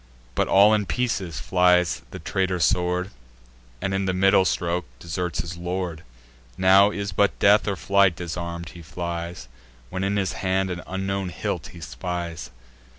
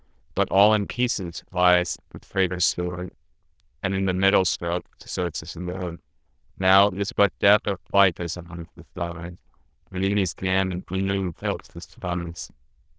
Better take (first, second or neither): first